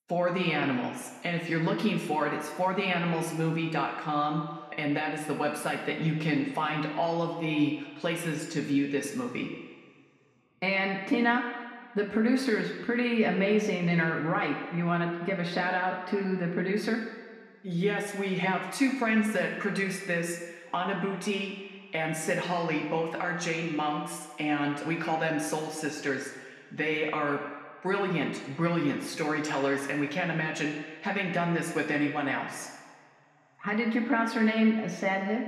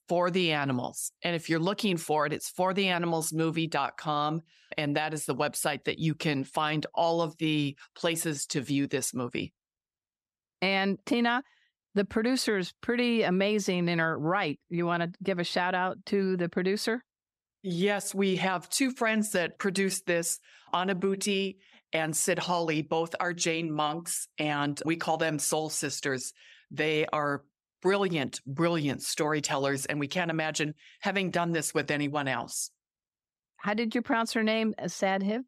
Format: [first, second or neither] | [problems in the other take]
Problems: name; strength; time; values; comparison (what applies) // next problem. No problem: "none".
second | room echo; noticeable; dies away in 1.7 s // off-mic speech; somewhat distant